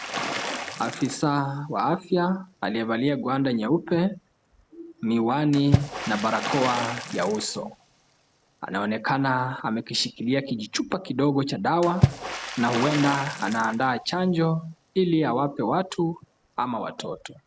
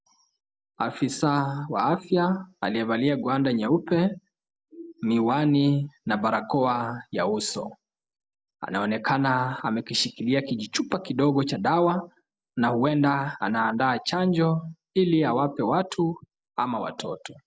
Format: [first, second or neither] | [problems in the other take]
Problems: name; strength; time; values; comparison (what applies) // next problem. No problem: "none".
second | background sound (Water / Splash, splatter); 8 dB below the speech